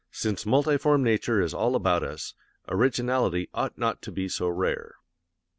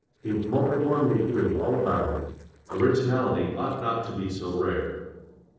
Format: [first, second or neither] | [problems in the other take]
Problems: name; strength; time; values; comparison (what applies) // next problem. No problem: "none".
first | noise reduction (neural separator model SepFormer DNS4)